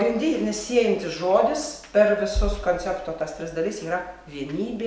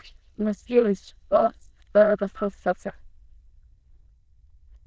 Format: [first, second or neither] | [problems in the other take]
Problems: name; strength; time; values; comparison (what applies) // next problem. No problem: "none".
first | noise reduction (neural diffusion model UNIVERSE++)